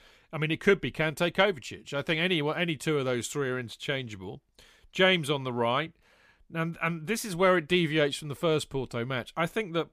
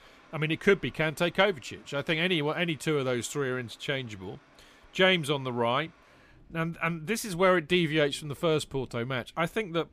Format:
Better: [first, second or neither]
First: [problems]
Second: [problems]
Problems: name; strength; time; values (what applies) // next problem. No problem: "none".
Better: first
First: none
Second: rain or running water; faint; throughout; 30 dB below the speech